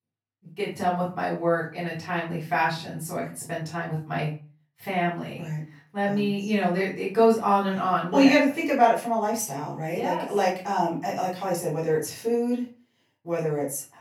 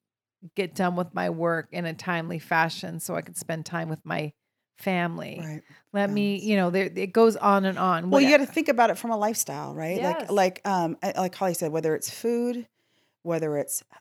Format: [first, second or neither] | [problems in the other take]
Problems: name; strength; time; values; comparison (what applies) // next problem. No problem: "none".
second | off-mic speech; far // room echo; slight; dies away in 0.3 s